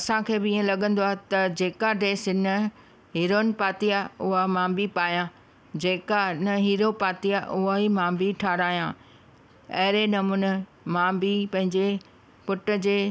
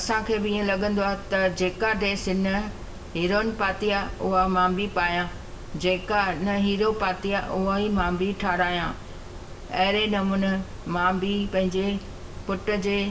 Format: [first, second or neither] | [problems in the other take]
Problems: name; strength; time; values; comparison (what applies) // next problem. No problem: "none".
first | background sound (Mechanisms); 12 dB below the speech // room echo; dies away in 0.7 s